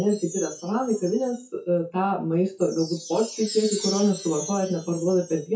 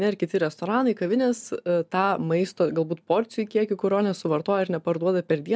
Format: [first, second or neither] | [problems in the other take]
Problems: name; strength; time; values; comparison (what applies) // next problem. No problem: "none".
second | noise reduction (classical method WPE with log-MMSE)